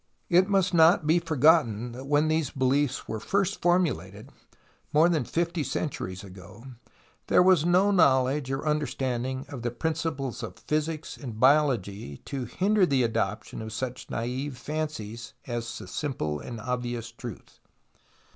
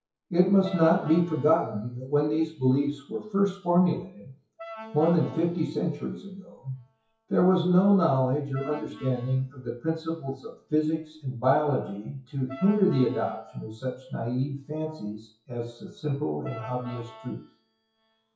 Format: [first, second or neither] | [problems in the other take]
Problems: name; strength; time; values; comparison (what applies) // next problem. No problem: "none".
first | noise reduction (classical method WPE with log-MMSE)